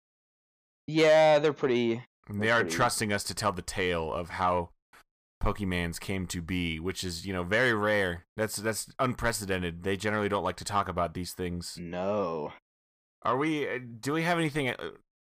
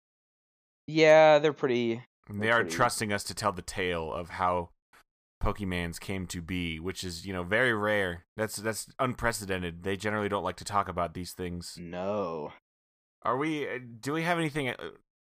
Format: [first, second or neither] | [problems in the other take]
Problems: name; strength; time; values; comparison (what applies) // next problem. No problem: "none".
second | distortion; slight; 10 dB below the speech